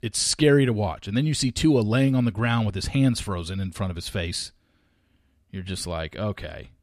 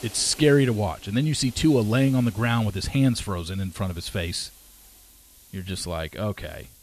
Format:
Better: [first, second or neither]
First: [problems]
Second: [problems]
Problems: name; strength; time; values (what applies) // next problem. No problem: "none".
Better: first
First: none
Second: hiss; faint; throughout; 20 dB below the speech